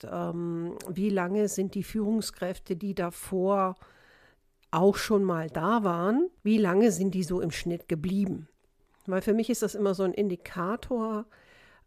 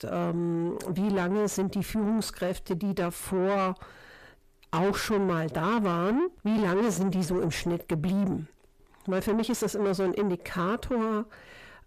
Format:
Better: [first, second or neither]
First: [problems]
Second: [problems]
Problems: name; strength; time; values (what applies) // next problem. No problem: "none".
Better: first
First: none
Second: distortion; heavy; 8 dB below the speech